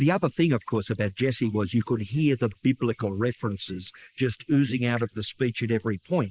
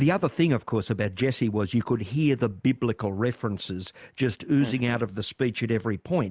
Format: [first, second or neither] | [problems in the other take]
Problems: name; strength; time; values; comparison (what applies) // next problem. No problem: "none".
second | noise reduction (neural mask model Resemble Enhance denoiser)